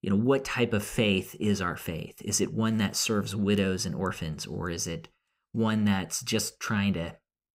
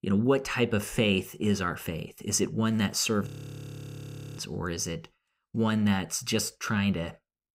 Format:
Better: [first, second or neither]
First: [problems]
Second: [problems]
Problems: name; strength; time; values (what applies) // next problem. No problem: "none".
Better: first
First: none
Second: audio freezing; at 3.5 s for 1 s